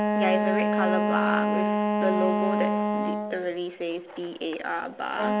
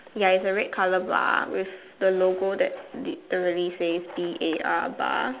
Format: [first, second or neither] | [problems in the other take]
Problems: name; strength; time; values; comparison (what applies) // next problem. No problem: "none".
second | background sound (Wind instrument, woodwind instrument); 4 dB above the speech